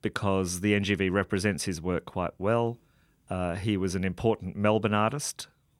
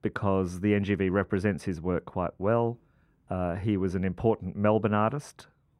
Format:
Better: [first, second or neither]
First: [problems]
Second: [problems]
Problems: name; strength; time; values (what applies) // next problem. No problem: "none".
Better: first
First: none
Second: muffled; slightly; fading above 2.5 kHz